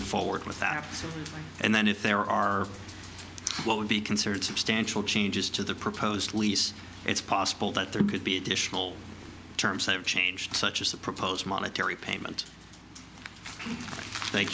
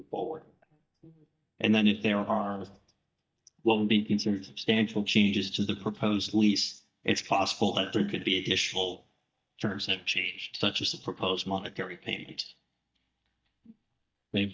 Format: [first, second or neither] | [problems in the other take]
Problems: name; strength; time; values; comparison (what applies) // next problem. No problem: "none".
first | noise reduction (neural mask model DeepFilterNet 3)